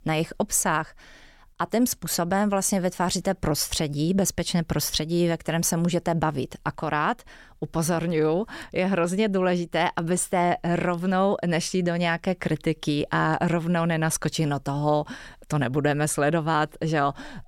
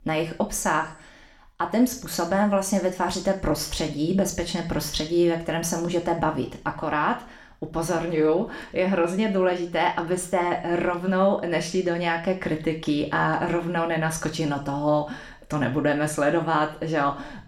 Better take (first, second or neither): first